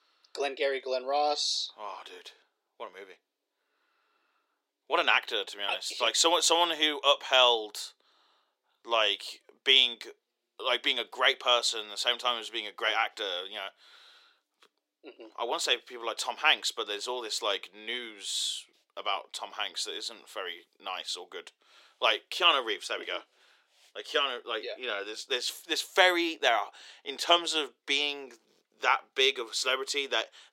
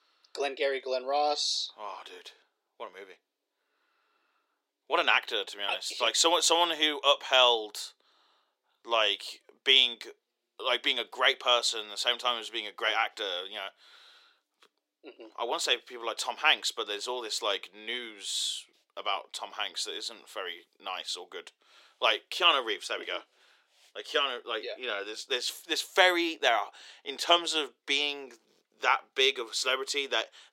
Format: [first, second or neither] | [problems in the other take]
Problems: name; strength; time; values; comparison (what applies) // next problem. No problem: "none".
neither | thin; very; fading below 400 Hz; the same in both